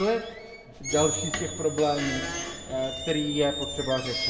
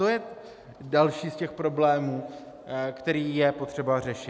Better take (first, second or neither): second